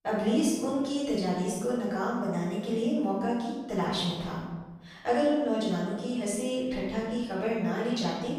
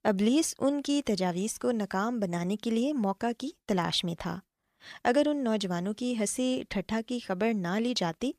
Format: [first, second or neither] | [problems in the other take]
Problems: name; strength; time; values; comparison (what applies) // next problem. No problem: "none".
second | off-mic speech; far // room echo; noticeable; dies away in 1.1 s